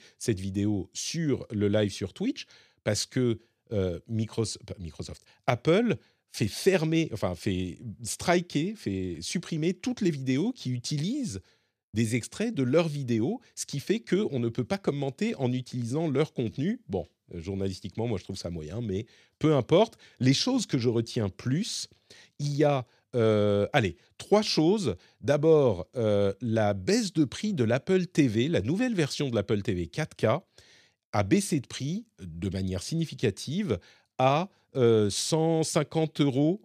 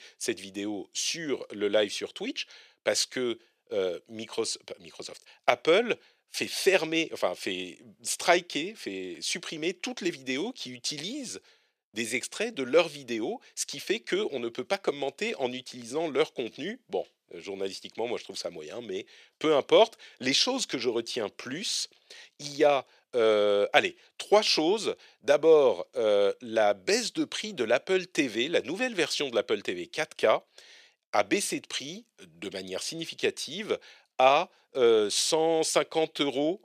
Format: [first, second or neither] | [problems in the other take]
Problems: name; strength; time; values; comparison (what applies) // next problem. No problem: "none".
first | thin; somewhat; fading below 500 Hz